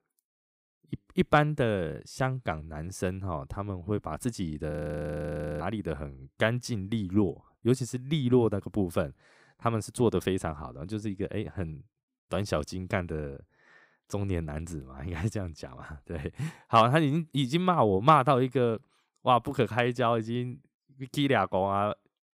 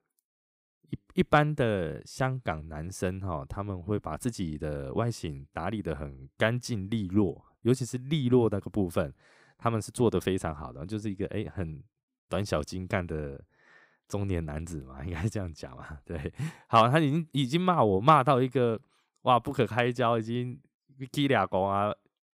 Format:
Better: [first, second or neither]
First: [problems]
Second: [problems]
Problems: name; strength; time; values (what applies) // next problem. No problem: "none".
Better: second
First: audio freezing; at 4.5 s for 1 s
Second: none